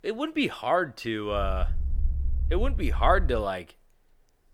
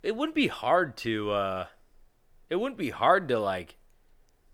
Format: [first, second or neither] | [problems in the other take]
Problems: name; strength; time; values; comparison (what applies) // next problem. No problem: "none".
second | low rumble; faint; from 1.5 to 3.5 s; 25 dB below the speech